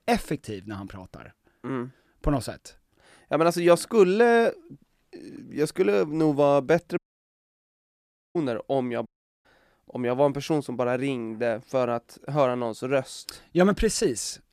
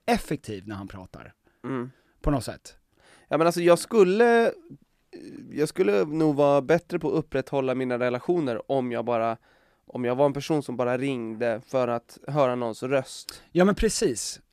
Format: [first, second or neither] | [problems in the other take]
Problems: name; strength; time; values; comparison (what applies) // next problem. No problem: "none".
second | audio cutting out; at 7 s for 1.5 s and at 9 s